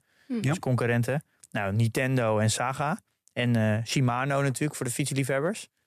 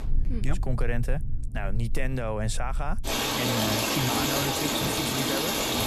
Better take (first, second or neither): first